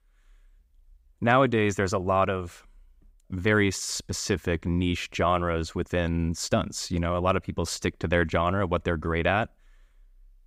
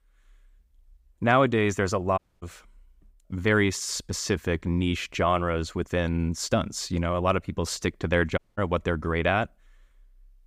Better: first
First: none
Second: audio cutting out; at 2 s and at 8.5 s

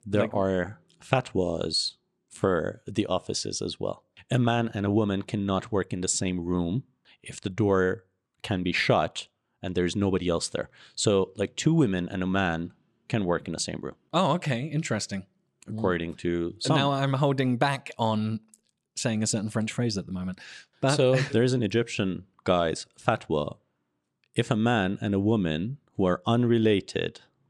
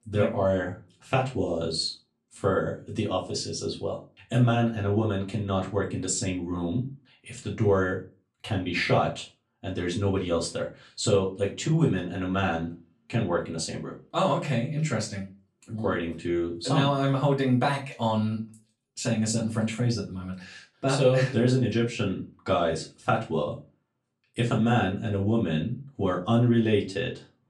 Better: first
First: none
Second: off-mic speech; far // room echo; very slight; dies away in 0.2 s

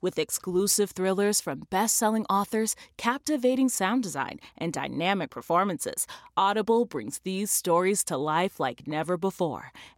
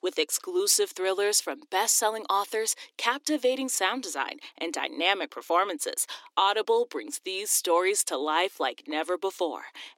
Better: first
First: none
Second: thin; somewhat; fading below 300 Hz

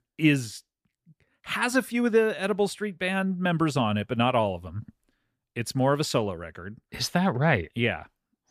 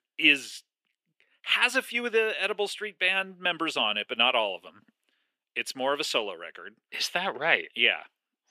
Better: first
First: none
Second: thin; somewhat; fading below 350 Hz

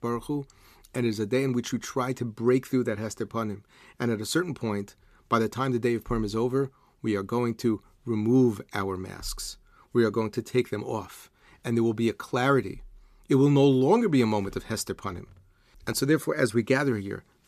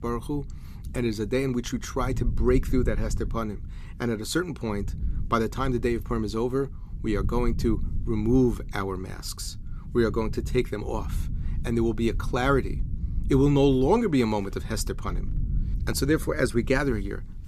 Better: first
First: none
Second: low rumble; faint; throughout; 20 dB below the speech

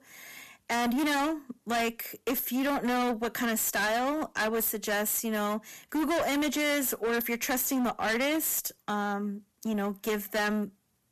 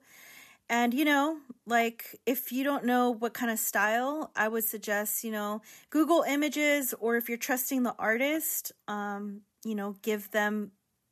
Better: second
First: distortion; heavy; 24% of the sound clipped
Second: none

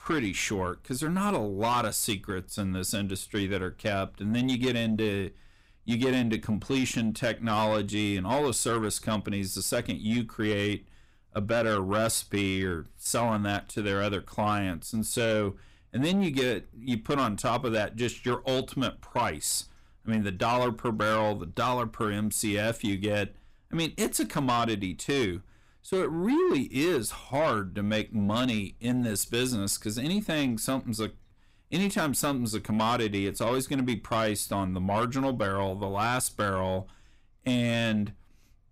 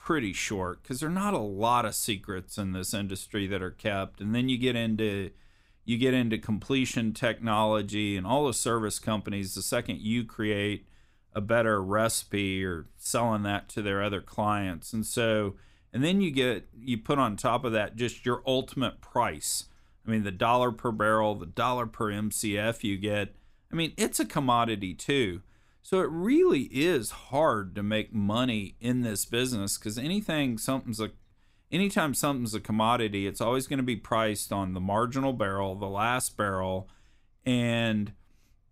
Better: second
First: distortion; slight; 10 dB below the speech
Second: none

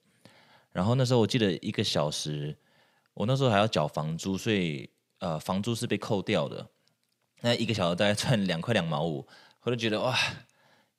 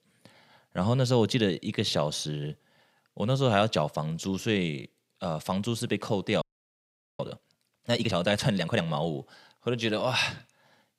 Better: first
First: none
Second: audio freezing; at 6.5 s for 1 s

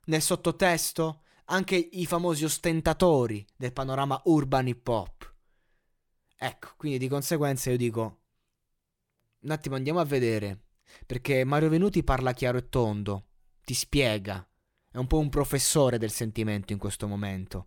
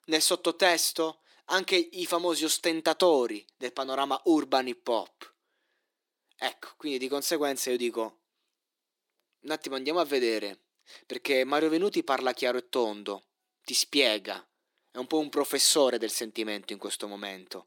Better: first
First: none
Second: thin; somewhat; fading below 250 Hz

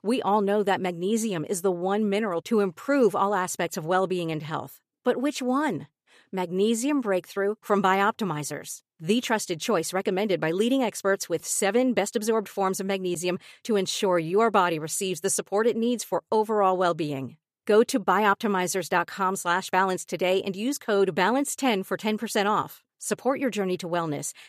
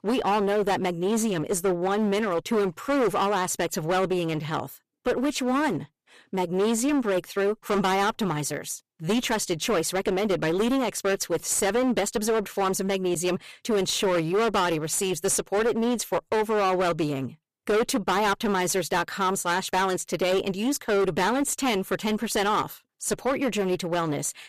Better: first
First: none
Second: distortion; heavy; 17% of the sound clipped

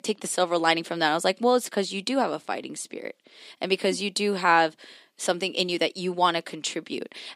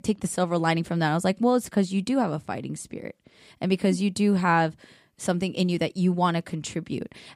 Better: second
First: thin; somewhat; fading below 300 Hz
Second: none

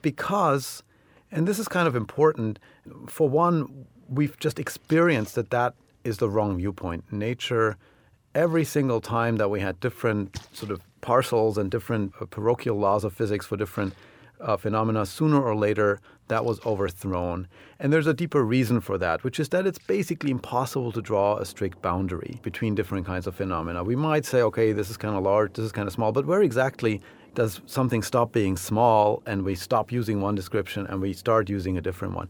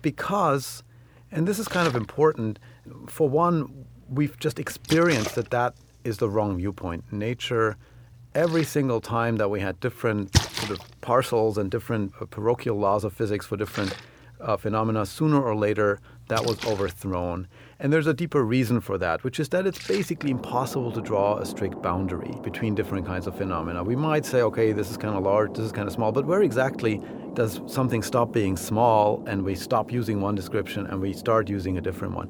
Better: first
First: rain or running water; faint; throughout; 30 dB below the speech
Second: rain or running water; loud; throughout; 9 dB below the speech

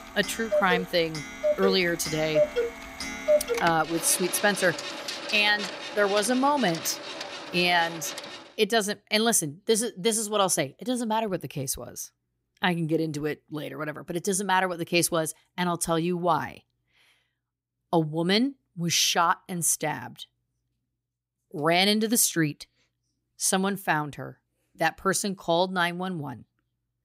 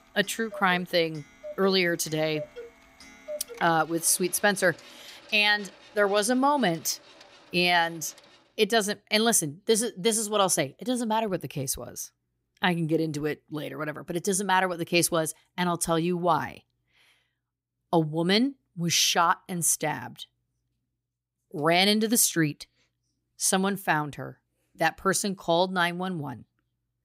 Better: second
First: household noises; loud; until 8.5 s; 5 dB below the speech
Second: household noises; faint; until 8.5 s; 20 dB below the speech

